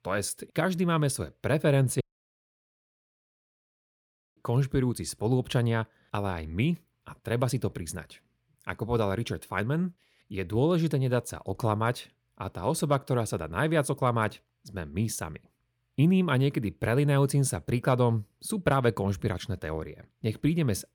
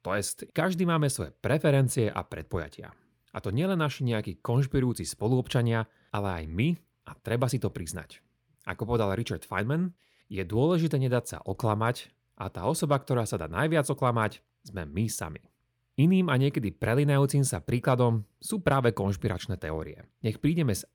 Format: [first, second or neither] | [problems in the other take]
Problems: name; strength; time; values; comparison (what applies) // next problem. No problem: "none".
second | audio cutting out; at 2 s for 2.5 s